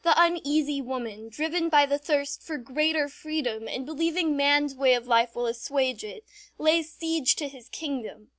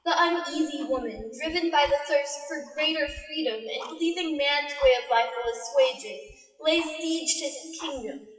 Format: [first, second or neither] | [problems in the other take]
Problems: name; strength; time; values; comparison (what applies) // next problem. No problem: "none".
first | noise reduction (classical method WPE with log-MMSE)